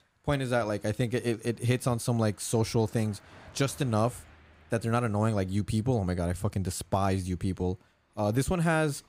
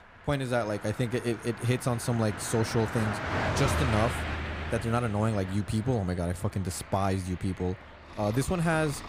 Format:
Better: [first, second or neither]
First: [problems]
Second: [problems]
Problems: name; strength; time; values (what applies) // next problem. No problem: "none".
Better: first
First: traffic noise; faint; throughout; 30 dB below the speech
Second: traffic noise; loud; throughout; 6 dB below the speech